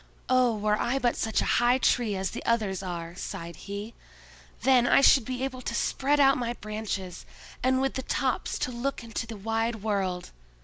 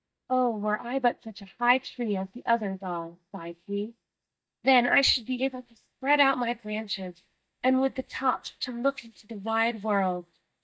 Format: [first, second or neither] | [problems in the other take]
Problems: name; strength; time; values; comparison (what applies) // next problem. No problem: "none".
first | noise reduction (neural mask model DeepFilterNet 3)